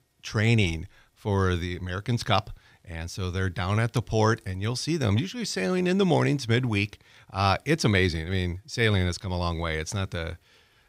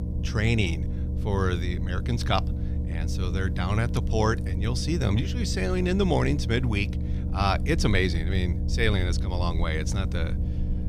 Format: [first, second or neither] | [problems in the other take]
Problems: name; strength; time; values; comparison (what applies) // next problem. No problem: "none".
first | low rumble; noticeable; throughout; 10 dB below the speech